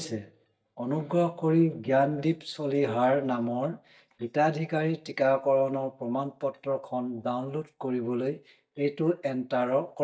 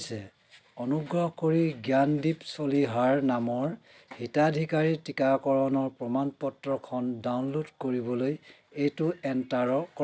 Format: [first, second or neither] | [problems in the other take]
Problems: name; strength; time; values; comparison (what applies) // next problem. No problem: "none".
second | noise reduction (neural mask model DeepFilterNet 3)